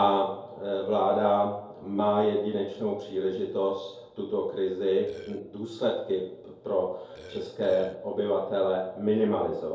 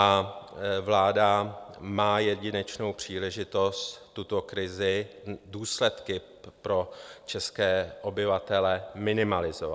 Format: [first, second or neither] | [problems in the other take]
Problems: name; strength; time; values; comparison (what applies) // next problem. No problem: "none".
second | background sound (Burping, eructation); 18 dB below the speech // room echo; dies away in 2.2 s